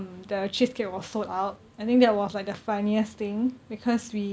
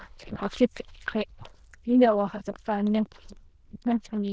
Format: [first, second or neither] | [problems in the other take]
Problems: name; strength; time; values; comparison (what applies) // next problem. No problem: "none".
first | noise reduction (neural diffusion model UNIVERSE++)